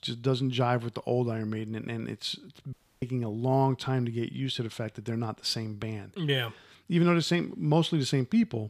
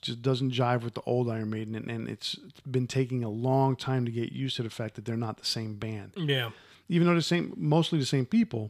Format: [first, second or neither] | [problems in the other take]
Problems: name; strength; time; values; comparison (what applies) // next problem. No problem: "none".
second | audio cutting out; at 2.5 s